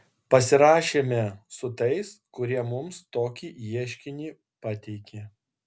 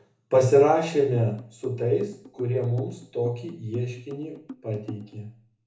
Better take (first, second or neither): first